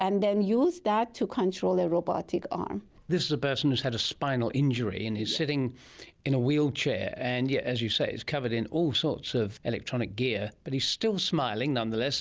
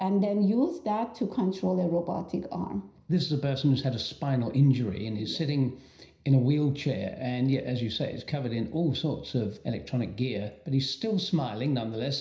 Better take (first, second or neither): first